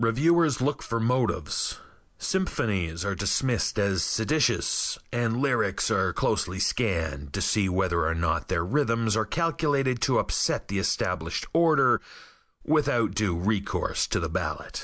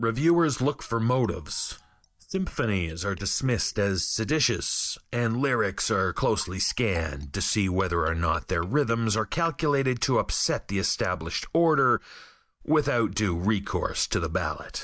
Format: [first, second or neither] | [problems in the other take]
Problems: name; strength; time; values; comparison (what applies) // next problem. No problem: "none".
first | noise reduction (neural mask model DeepFilterNet 3)